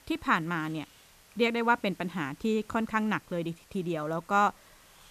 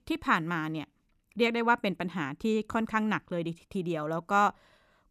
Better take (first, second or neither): second